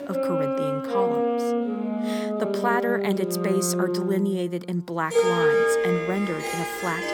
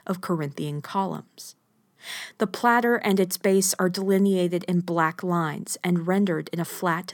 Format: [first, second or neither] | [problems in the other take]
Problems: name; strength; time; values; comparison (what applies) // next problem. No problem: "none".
second | background music; very loud; throughout; 3 dB above the speech